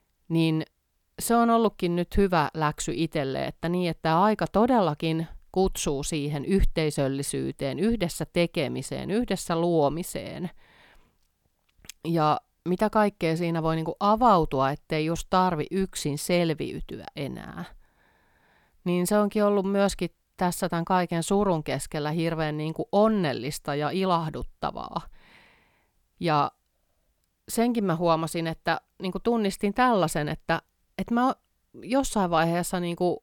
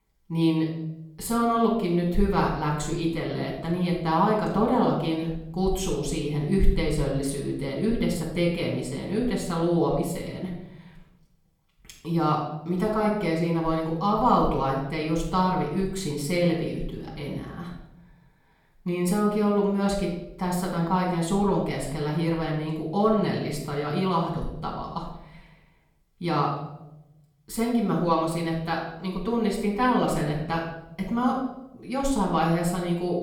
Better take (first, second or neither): first